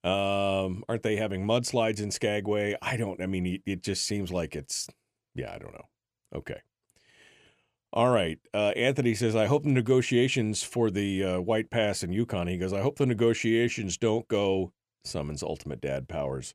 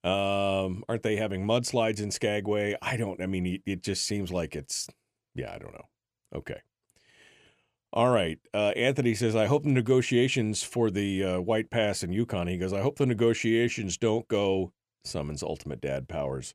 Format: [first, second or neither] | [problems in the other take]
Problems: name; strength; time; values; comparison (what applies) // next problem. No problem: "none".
neither | none